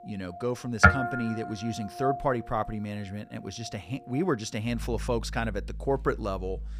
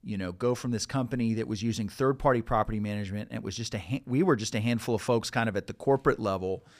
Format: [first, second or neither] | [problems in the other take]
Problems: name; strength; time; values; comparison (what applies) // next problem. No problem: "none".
second | background music; very loud; throughout; 2 dB above the speech